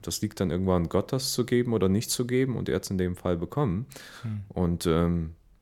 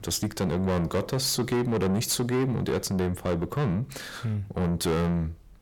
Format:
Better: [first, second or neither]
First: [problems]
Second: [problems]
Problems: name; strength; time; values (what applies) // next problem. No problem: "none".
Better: first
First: none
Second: distortion; heavy; 7 dB below the speech